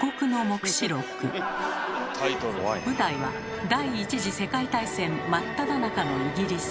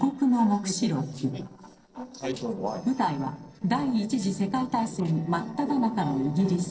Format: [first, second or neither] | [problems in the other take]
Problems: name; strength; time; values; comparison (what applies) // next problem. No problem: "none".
first | noise reduction (neural separator model SepFormer DNS4)